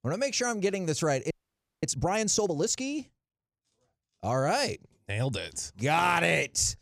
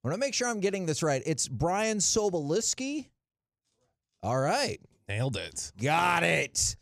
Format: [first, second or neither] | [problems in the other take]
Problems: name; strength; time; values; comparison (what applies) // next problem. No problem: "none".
second | audio freezing; at 1.5 s for 0.5 s